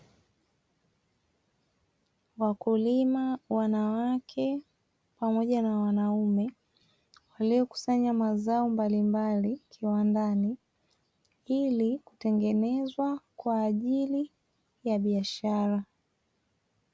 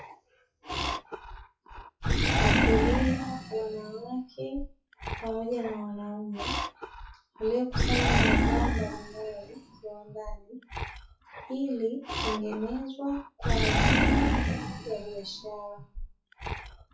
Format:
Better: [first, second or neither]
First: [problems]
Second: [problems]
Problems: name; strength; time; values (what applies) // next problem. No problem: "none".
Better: first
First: none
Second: noise reduction (classical method WPE with log-MMSE)